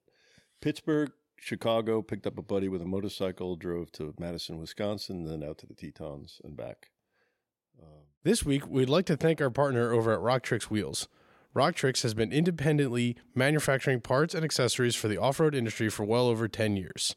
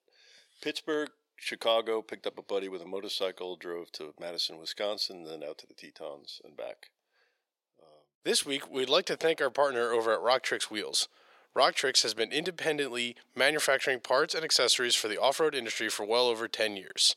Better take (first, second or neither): first